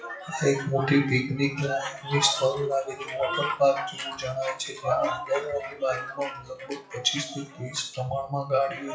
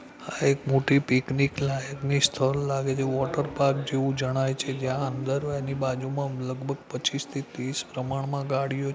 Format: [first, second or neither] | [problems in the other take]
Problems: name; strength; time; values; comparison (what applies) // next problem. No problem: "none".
second | noise reduction (classical method WPE with log-MMSE)